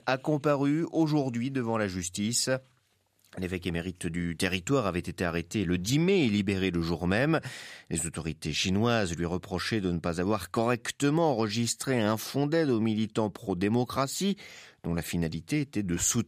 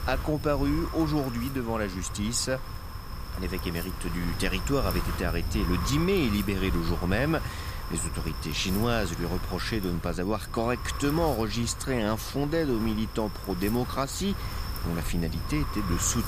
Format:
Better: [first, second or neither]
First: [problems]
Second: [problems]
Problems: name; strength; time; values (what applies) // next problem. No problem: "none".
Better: first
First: none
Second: wind noise on the microphone; heavy; 8 dB below the speech